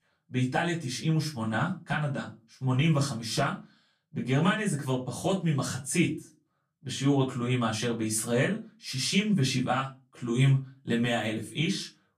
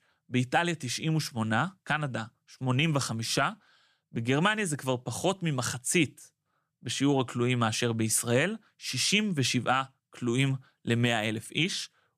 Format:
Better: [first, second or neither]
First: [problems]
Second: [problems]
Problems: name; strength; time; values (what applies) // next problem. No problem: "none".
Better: second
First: off-mic speech; far // room echo; very slight; dies away in 0.2 s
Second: none